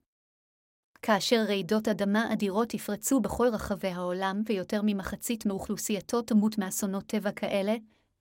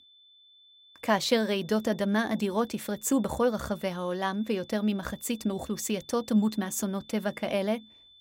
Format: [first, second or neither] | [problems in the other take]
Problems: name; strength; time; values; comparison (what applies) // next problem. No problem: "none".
first | high-pitched whine; faint; throughout; 3.5 kHz, 25 dB below the speech